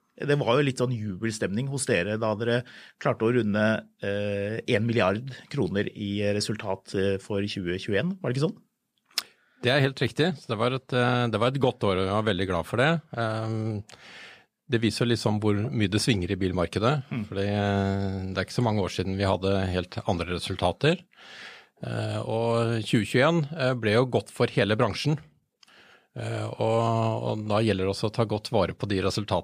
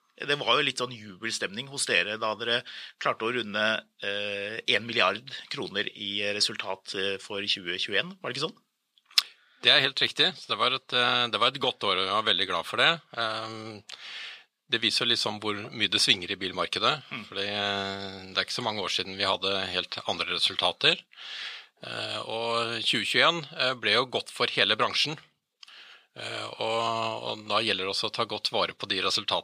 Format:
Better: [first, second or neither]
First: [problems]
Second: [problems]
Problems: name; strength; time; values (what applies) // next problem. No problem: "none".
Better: first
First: none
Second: thin; somewhat; fading below 600 Hz